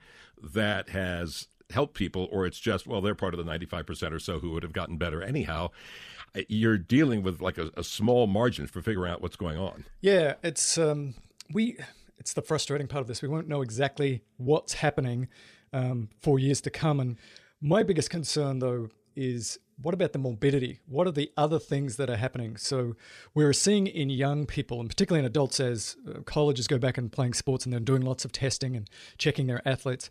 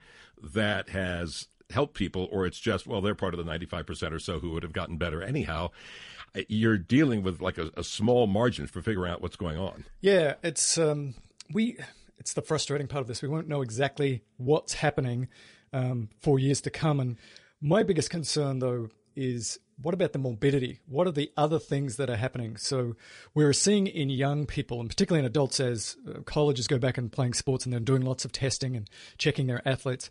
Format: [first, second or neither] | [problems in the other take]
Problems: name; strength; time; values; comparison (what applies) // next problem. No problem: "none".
first | garbled, watery; slightly; nothing above 10 kHz